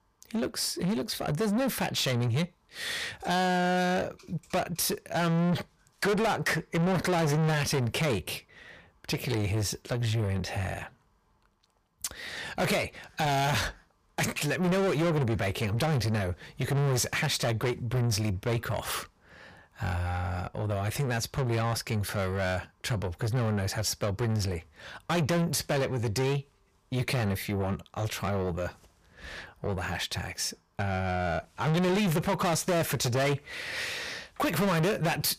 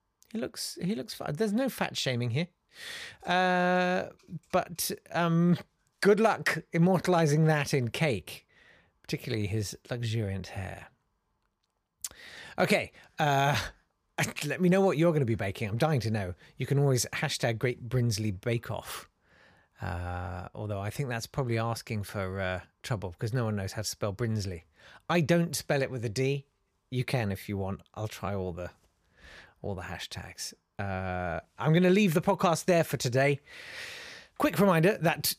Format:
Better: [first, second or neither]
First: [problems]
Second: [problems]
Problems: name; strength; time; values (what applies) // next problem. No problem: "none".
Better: second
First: distortion; heavy; 6 dB below the speech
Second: none